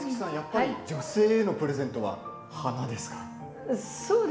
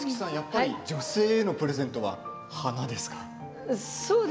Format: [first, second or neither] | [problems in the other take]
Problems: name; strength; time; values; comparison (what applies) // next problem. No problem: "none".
second | room echo; dies away in 0.7 s